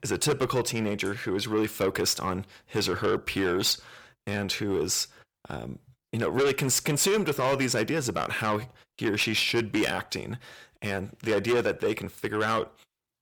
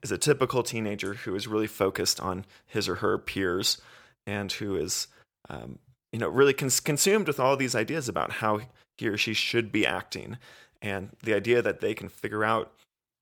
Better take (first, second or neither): second